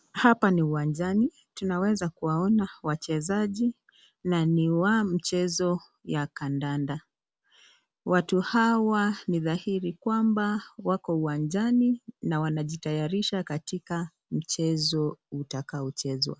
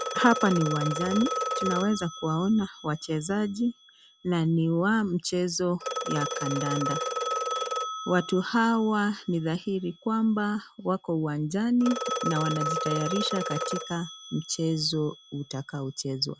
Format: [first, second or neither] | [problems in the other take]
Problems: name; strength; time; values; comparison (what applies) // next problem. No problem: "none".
first | background sound (Telephone); 7 dB below the speech